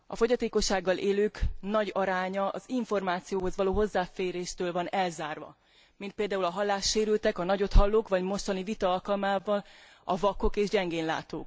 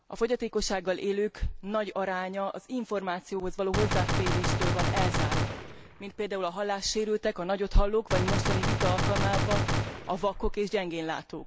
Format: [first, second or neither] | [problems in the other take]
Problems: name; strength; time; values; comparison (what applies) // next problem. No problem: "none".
first | background sound (Gunshot, gunfire); 1 dB above the speech